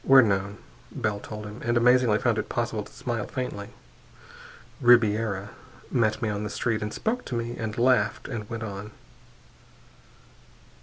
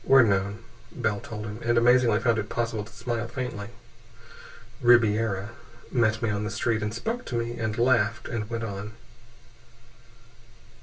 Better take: first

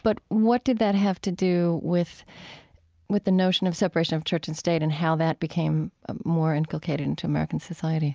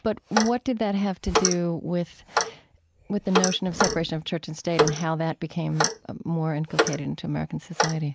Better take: first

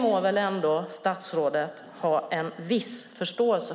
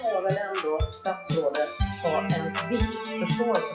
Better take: first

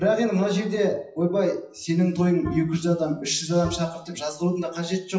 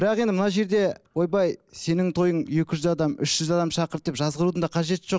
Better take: second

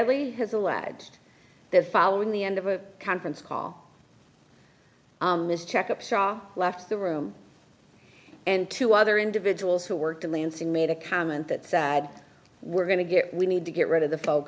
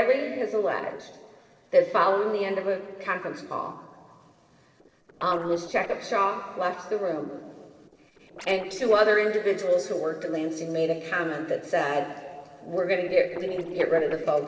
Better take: first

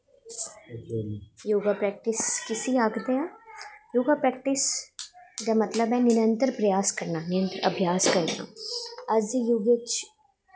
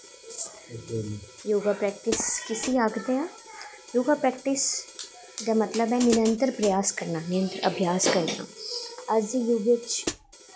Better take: first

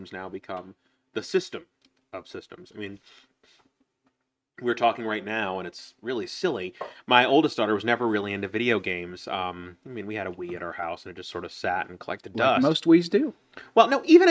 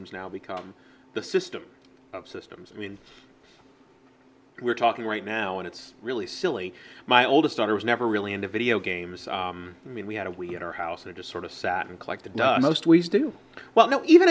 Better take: second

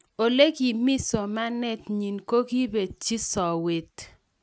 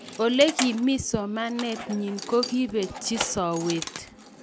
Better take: first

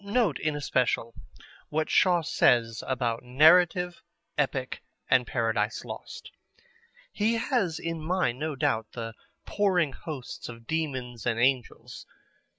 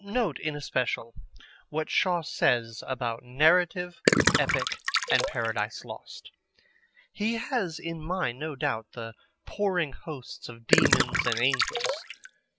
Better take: first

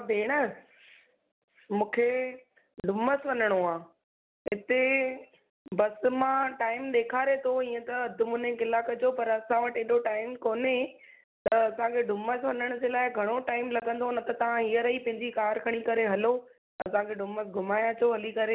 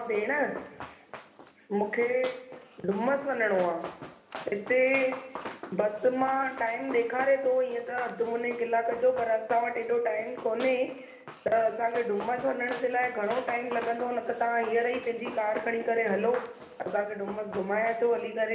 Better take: first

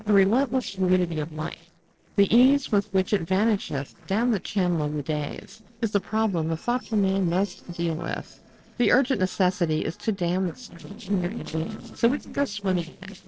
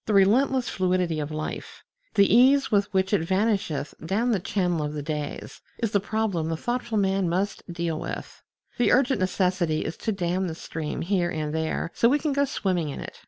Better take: second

